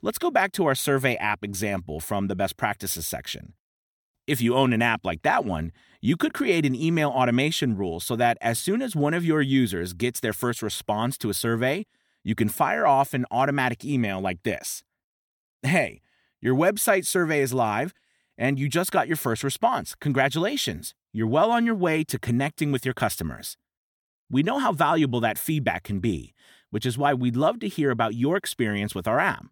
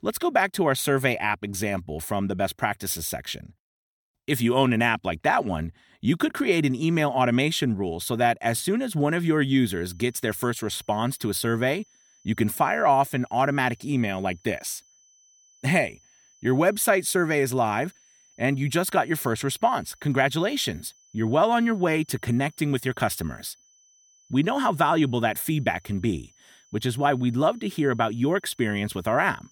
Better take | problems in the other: first | high-pitched whine; faint; from 9.5 s on; 6 kHz, 30 dB below the speech

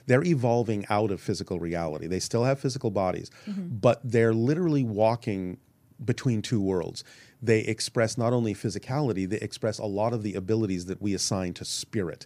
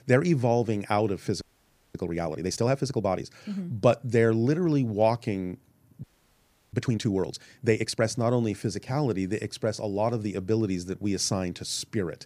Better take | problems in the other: first | audio freezing; at 1.5 s for 0.5 s and at 6 s for 0.5 s

